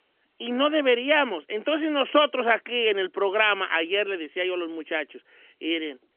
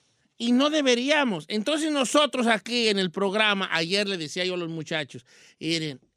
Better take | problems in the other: second | phone-call audio; nothing above 3.5 kHz

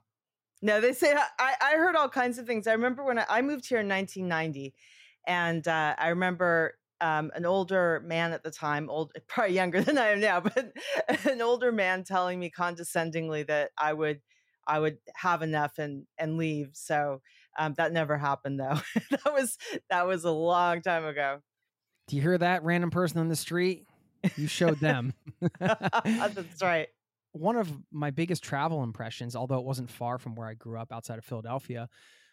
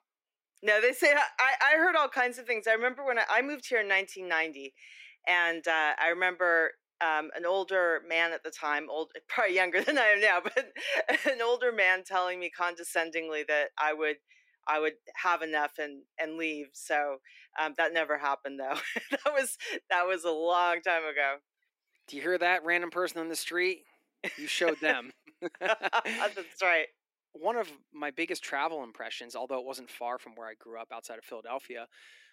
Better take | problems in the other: first | thin; very; fading below 300 Hz

